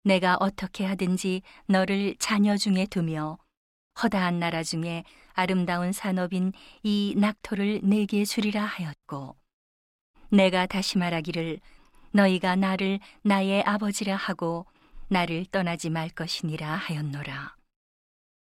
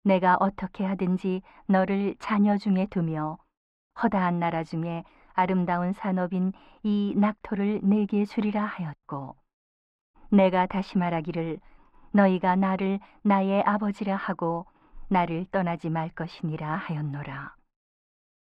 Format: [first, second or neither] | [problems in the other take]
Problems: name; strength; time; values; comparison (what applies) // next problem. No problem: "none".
first | muffled; very; fading above 4 kHz